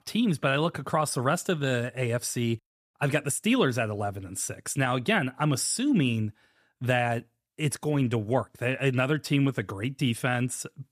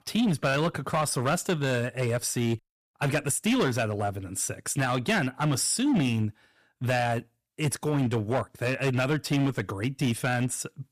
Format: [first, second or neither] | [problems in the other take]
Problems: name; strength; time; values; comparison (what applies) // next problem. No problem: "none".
first | distortion; slight; 9% of the sound clipped